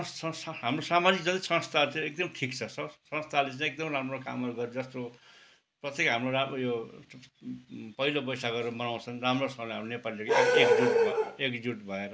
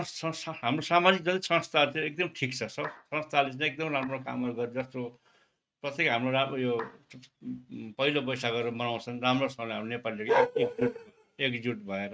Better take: first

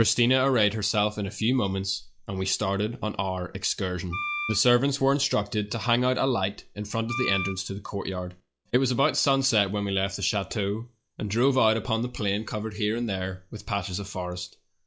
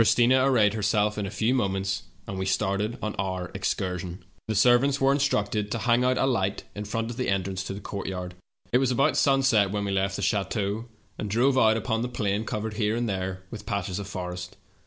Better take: second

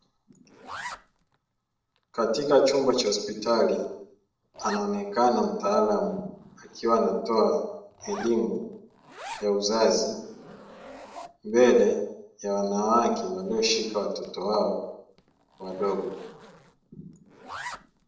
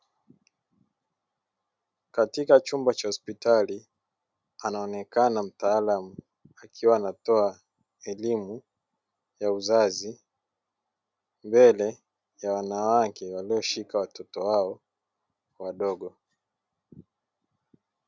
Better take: second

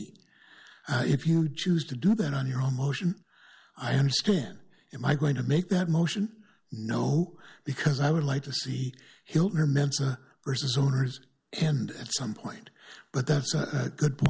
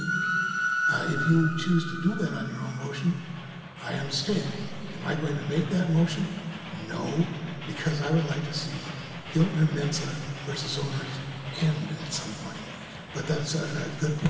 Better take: first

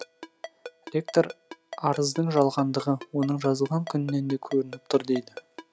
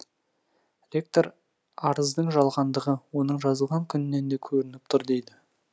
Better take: second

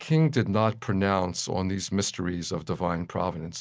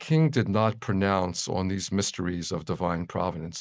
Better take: first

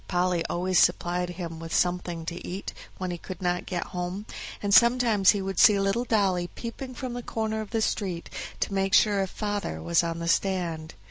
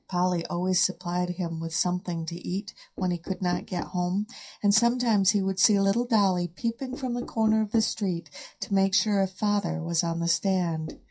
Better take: first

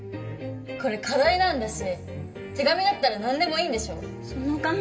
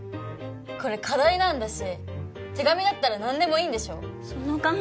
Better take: second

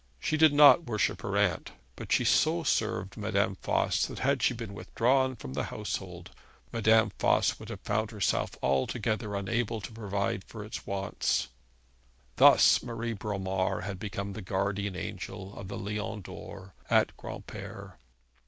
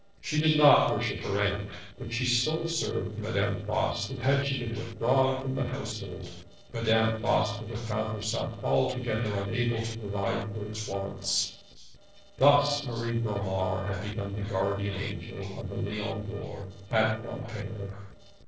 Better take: first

